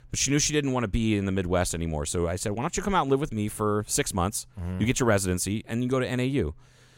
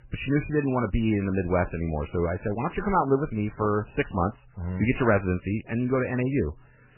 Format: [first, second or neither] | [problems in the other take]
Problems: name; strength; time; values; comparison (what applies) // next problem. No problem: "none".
first | garbled, watery; badly; nothing above 3 kHz